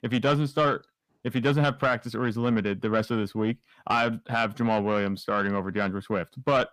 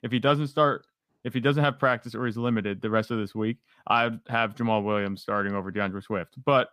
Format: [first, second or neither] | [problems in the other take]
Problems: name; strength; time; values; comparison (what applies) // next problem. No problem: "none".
second | distortion; slight; 10 dB below the speech